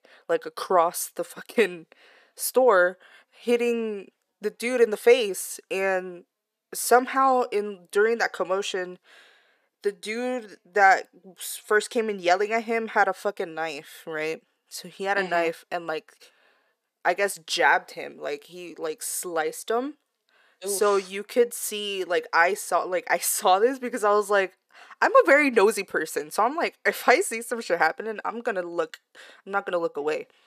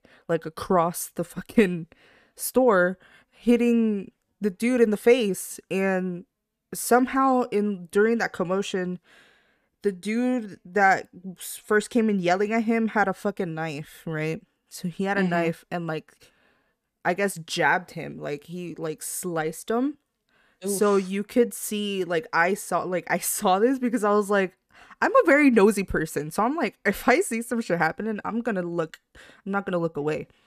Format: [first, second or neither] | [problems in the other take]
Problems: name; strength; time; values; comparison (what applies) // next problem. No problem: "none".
second | thin; somewhat; fading below 500 Hz